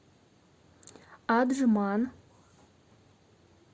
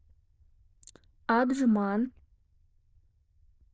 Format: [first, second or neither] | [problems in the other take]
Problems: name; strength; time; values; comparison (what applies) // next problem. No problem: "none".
first | noise reduction (neural diffusion model UNIVERSE++)